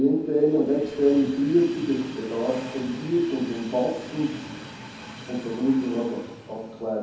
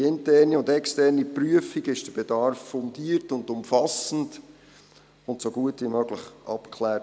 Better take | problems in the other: second | background sound (Train); 16 dB below the speech // room echo; dies away in 0.9 s

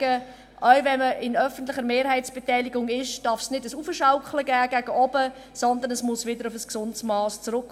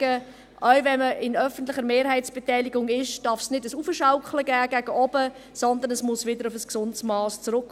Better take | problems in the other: second | room echo; dies away in 1 s

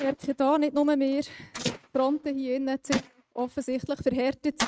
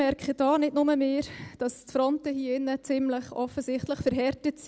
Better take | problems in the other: second | noise reduction (neural mask model RNNoise)

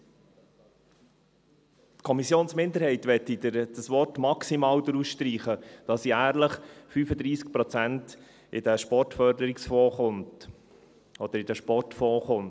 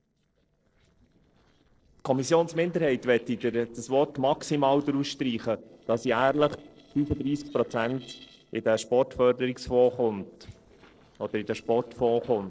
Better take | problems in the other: first | noise reduction (neural separator model SepFormer DNS4)

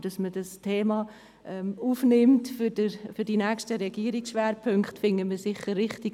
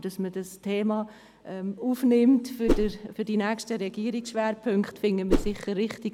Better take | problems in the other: first | background sound (Whoosh, swoosh, swish); 2 dB above the speech

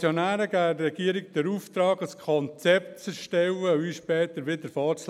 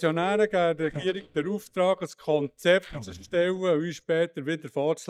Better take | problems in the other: first | noise reduction (neural mask model DeepFilterNet 3)

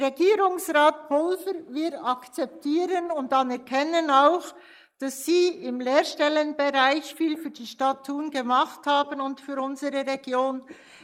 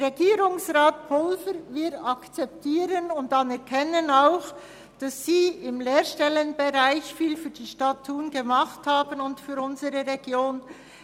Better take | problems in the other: second | noise reduction (neural mask model Resemble Enhance denoiser)

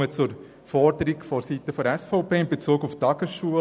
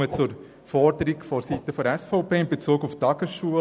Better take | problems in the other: first | background sound (Whoosh, swoosh, swish); 11 dB below the speech

